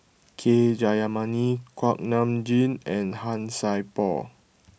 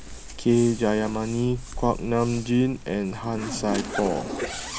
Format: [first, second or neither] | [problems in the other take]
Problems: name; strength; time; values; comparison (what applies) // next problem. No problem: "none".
first | background sound (Zipper (clothing)); 9 dB below the speech